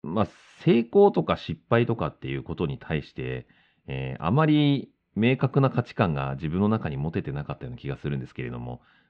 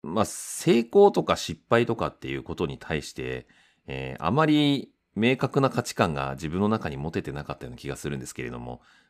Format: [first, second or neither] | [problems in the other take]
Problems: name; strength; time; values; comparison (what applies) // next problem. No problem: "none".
second | muffled; slightly; fading above 3.5 kHz